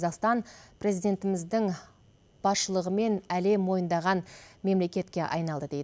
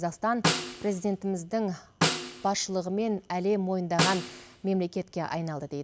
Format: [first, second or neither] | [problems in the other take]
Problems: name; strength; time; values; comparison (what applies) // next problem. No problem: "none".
first | background sound (Snare drum); 3 dB below the speech